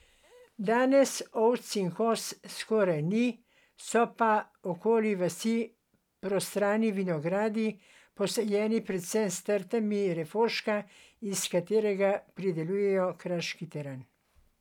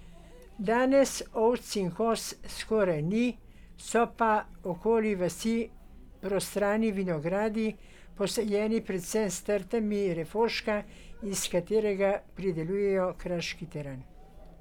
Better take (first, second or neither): first